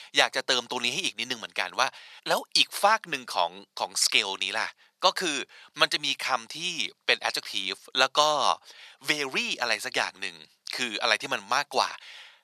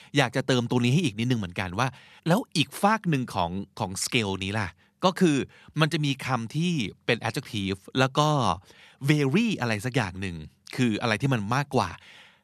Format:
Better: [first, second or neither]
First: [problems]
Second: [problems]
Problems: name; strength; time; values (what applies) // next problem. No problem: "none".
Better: second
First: thin; very; fading below 700 Hz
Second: none